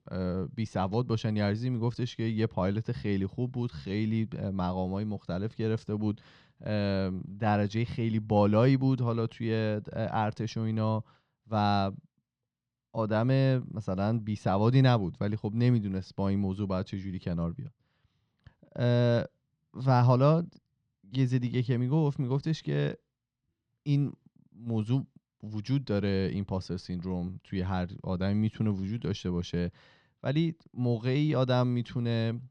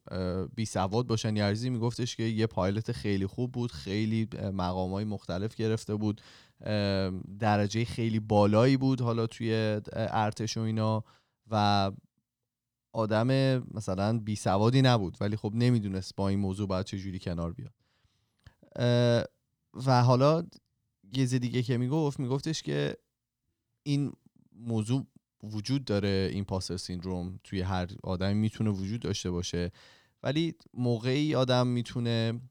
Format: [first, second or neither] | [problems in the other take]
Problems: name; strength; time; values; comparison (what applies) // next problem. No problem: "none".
second | muffled; very slightly; fading above 3.5 kHz